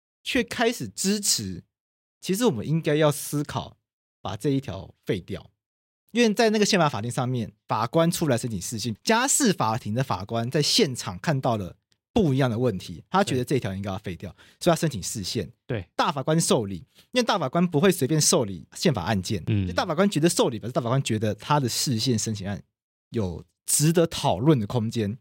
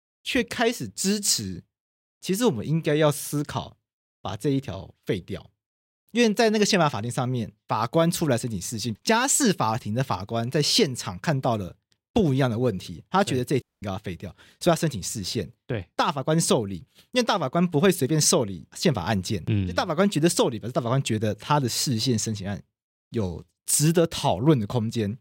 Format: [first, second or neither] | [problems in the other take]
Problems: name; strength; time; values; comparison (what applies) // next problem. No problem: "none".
first | audio cutting out; at 14 s